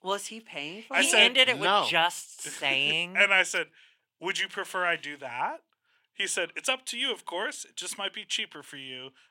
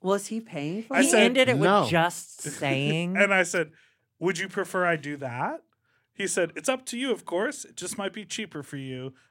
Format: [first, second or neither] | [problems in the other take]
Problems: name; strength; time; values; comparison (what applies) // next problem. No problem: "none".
second | thin; somewhat; fading below 800 Hz